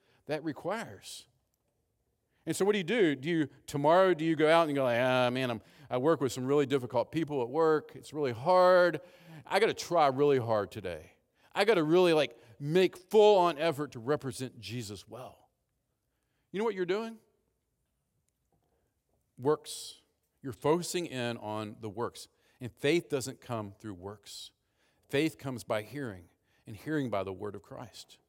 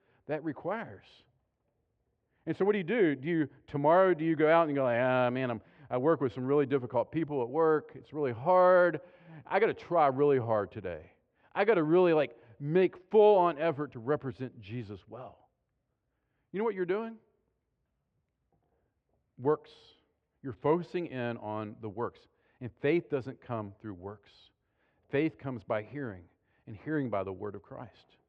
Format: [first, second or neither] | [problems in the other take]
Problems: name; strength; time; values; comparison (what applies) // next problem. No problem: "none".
first | muffled; very; fading above 2.5 kHz